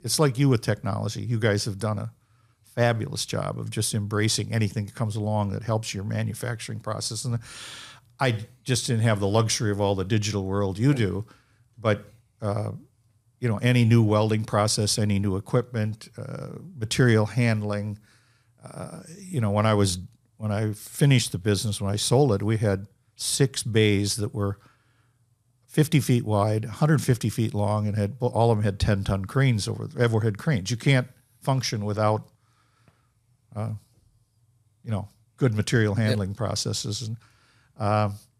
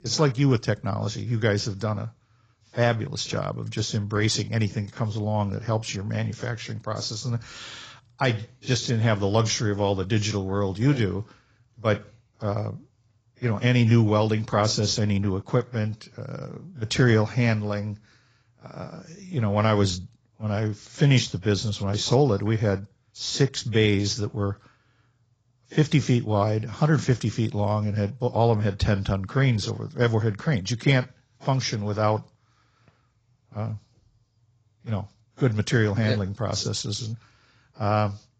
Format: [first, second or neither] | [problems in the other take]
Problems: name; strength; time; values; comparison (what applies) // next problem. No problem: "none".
first | garbled, watery; badly; nothing above 7.5 kHz